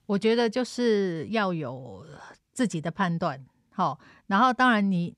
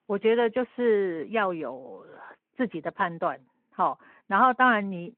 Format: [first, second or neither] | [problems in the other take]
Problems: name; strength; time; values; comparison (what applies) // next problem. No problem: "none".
first | phone-call audio